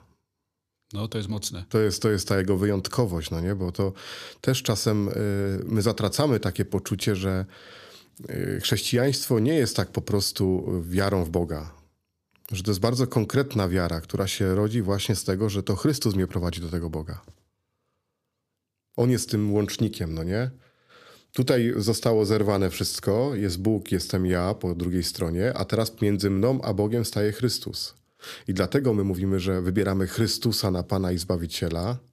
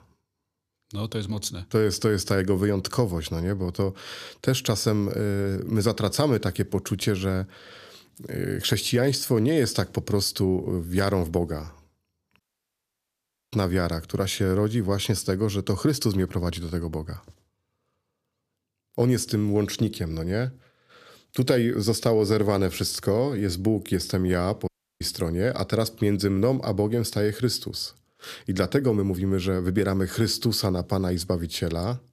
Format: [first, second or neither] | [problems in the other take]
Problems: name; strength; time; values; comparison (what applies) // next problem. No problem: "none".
first | audio cutting out; at 12 s for 1 s and at 25 s